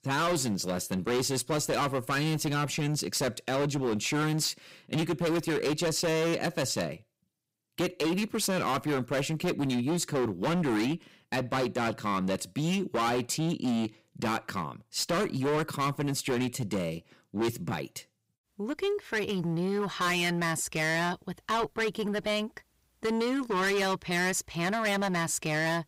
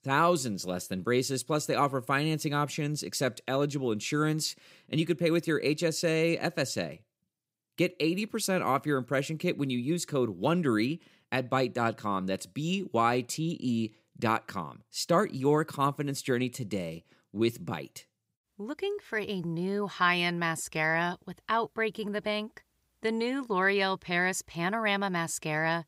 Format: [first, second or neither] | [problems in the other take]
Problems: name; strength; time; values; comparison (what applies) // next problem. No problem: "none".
second | distortion; heavy; 20% of the sound clipped